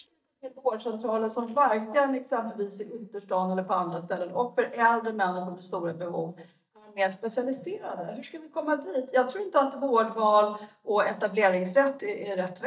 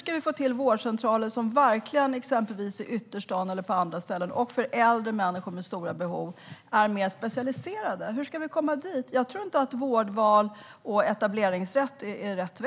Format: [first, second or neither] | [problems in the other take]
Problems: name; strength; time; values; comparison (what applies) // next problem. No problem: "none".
second | noise reduction (neural mask model DeepFilterNet 3)